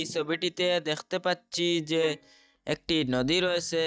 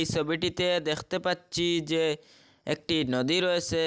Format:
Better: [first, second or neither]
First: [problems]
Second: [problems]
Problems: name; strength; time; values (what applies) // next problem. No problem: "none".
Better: second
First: noise reduction (neural mask model DeepFilterNet 3)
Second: none